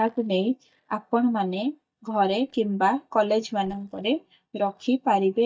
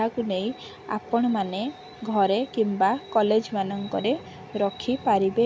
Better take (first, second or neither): second